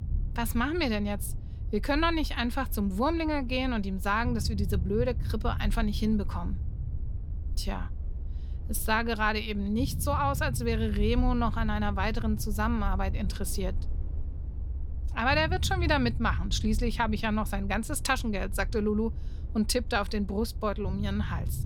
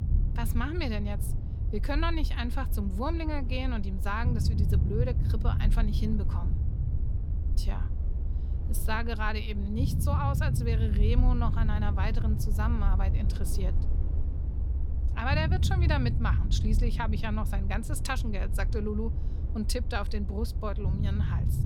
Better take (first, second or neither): first